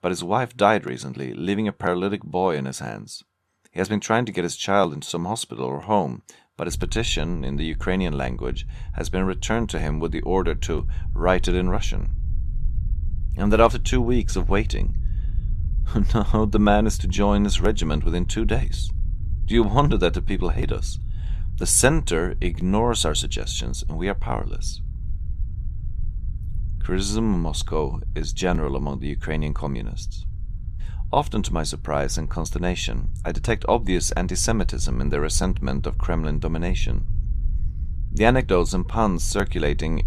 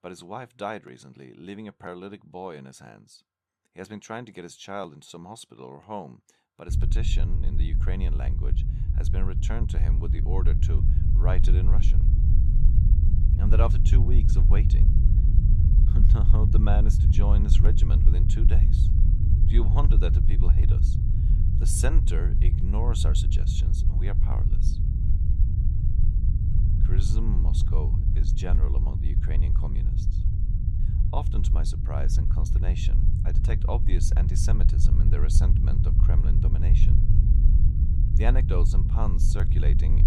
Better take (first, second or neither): first